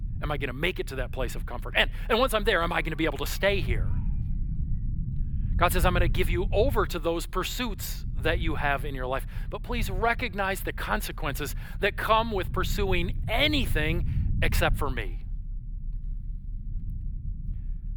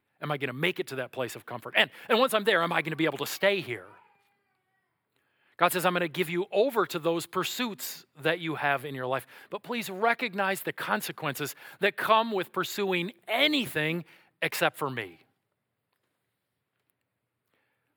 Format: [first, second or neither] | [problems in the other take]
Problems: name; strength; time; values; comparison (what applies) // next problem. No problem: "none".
second | low rumble; faint; throughout; 20 dB below the speech